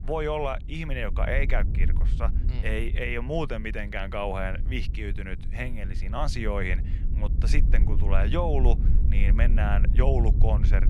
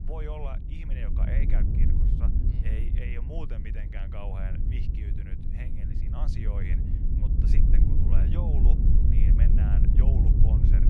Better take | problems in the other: first | wind noise on the microphone; heavy; 2 dB above the speech; occasional gusts in the first

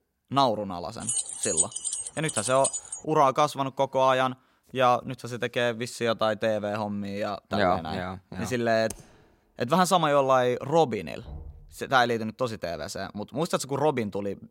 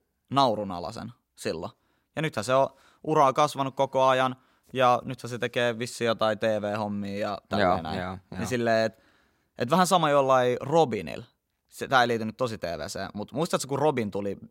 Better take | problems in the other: second | jangling keys; loud; from 1 to 3 s; peak 2 dB above the speech // keyboard typing; faint; at 9 s; peak 15 dB below the speech // door banging; faint; at 11 s; peak 15 dB below the speech

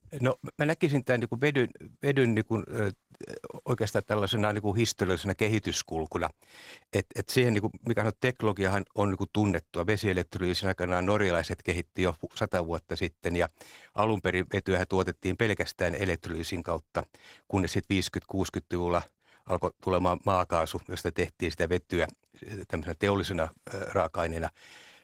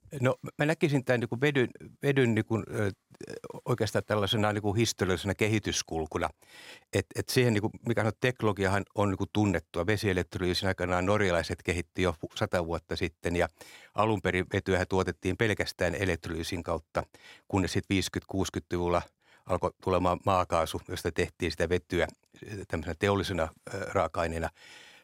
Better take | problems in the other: second | garbled, watery; slightly; nothing above 16 kHz

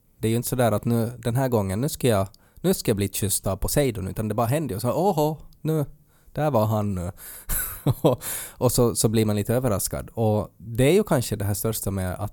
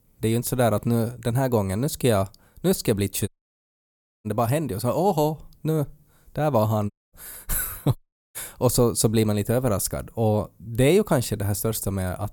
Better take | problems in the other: first | audio cutting out; at 3.5 s for 1 s, at 7 s and at 8 s

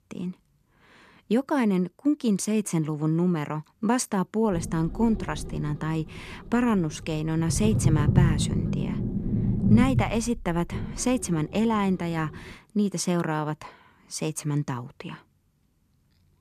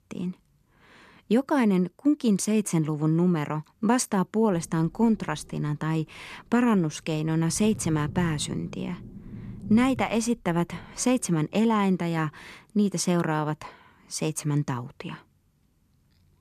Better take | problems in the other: second | low rumble; loud; from 4.5 to 13 s; 7 dB below the speech; faint in the second

